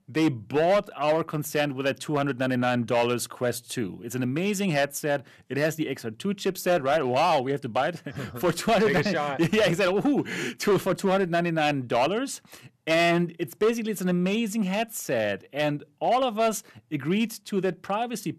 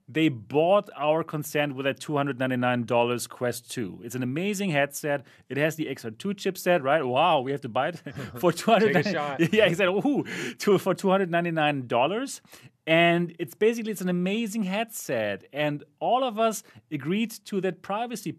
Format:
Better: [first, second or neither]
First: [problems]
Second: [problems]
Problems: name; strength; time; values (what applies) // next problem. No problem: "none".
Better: second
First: distortion; slight; 5% of the sound clipped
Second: none